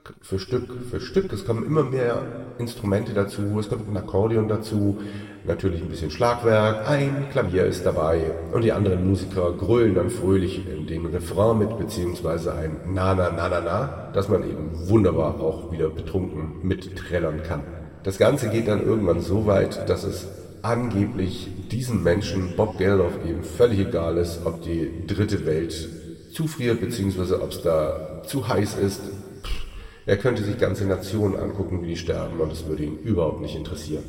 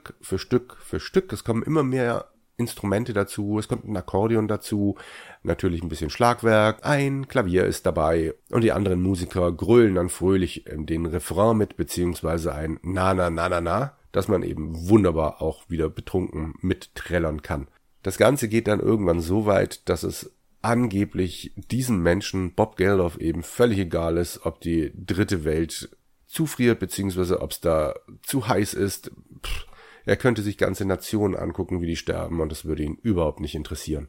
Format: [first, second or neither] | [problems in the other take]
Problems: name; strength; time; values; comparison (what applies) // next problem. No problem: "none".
second | room echo; slight; dies away in 2.2 s